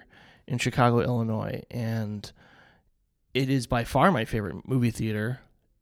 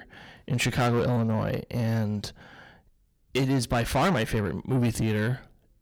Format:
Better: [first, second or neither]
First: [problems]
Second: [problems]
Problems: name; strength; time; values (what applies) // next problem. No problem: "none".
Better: first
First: none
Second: distortion; heavy; 7 dB below the speech